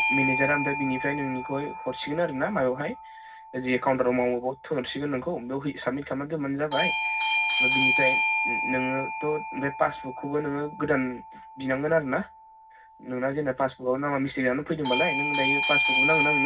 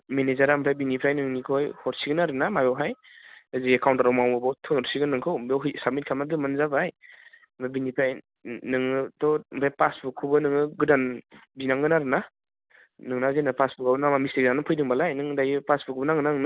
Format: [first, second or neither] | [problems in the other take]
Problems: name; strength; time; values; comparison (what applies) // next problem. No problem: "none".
second | background sound (Bell / Doorbell); 1 dB below the speech // room echo; dies away in 0.4 s